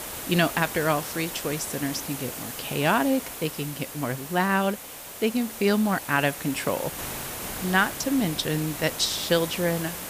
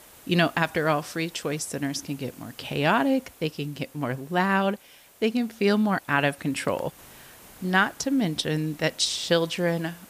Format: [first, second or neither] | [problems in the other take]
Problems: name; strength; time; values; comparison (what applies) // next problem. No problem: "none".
second | hiss; loud; throughout; 8 dB below the speech; faint in the second